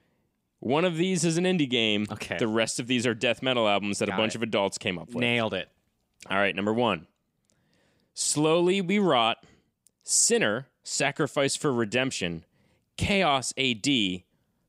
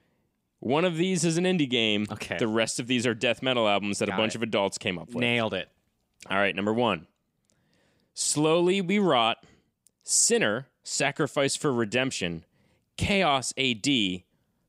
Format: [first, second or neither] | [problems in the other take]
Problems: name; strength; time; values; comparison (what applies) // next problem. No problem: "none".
neither | none